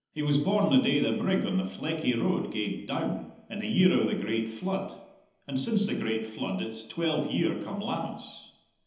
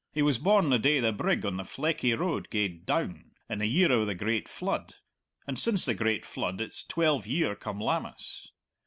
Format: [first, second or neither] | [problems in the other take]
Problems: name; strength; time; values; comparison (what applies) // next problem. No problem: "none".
second | room echo; dies away in 0.9 s